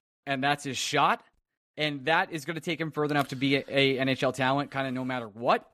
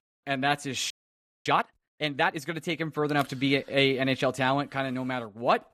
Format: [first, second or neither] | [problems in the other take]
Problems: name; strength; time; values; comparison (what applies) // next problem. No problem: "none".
first | audio freezing; at 1 s for 0.5 s